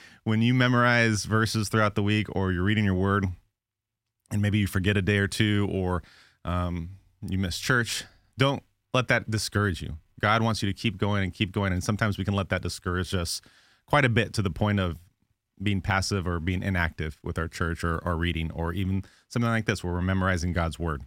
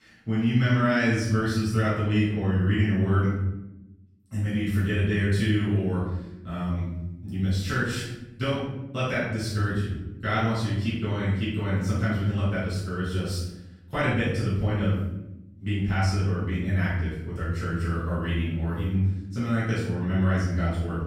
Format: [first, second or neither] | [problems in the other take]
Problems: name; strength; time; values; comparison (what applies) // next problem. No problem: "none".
first | room echo; strong; dies away in 1 s // off-mic speech; far